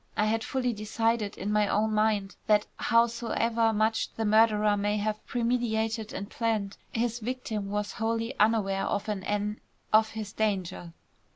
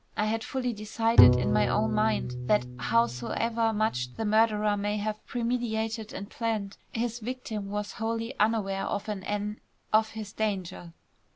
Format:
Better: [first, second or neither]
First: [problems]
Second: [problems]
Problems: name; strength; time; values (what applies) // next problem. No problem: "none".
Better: first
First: none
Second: background sound (Bowed string instrument); 1 dB above the speech